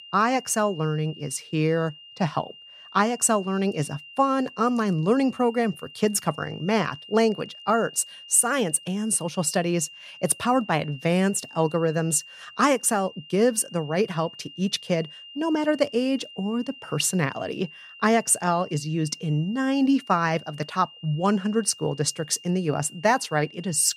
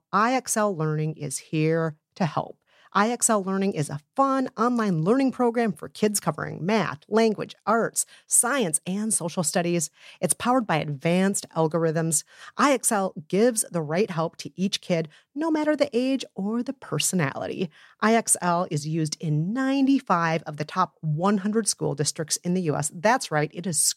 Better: second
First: high-pitched whine; noticeable; throughout; 3 kHz, 20 dB below the speech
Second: none

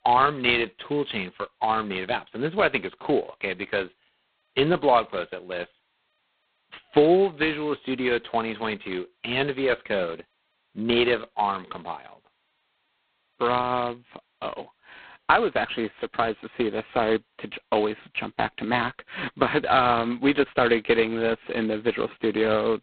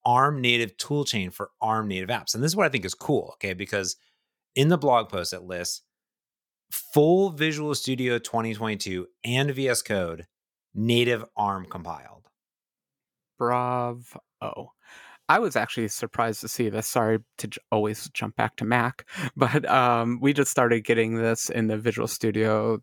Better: second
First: phone-call audio; poor line; nothing above 4 kHz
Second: none

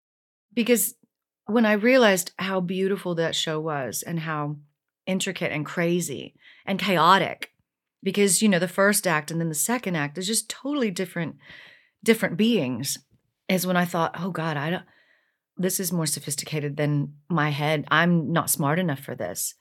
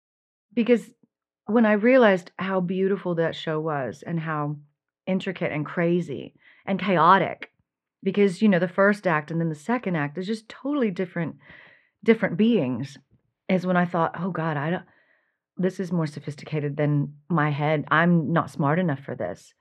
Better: first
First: none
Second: muffled; very; fading above 2 kHz

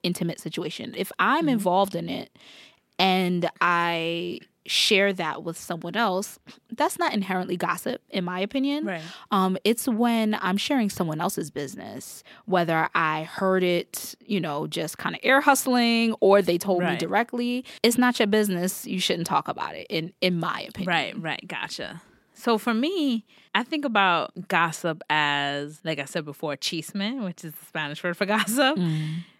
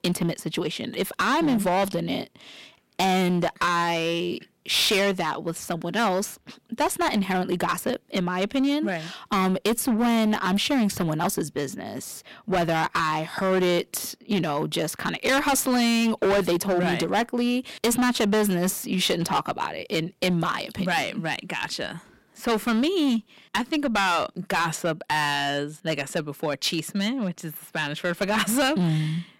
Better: first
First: none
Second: distortion; heavy; 11% of the sound clipped

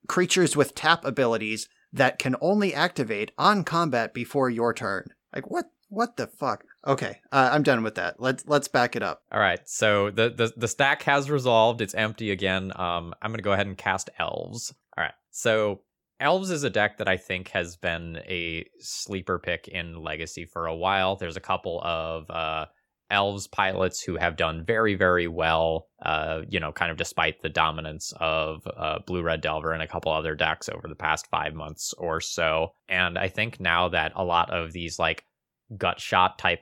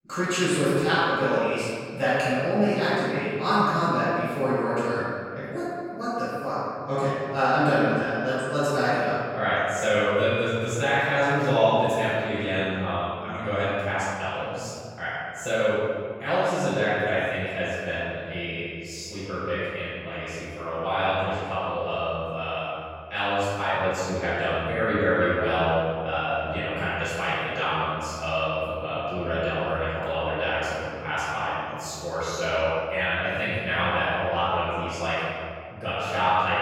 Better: first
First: none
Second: off-mic speech; far // room echo; strong; dies away in 1.8 s

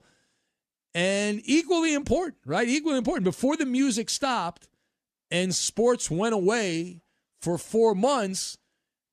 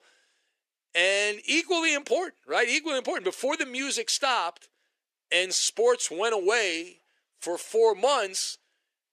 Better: first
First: none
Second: thin; very; fading below 400 Hz

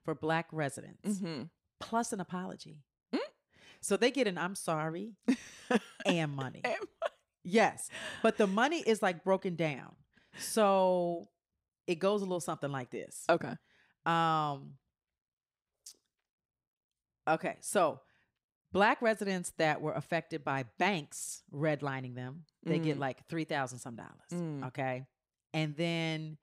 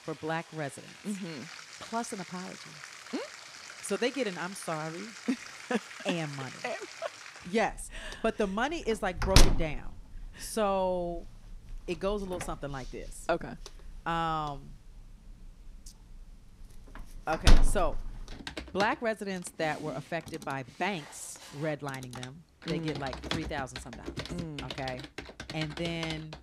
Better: first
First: none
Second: household noises; loud; throughout; 2 dB below the speech

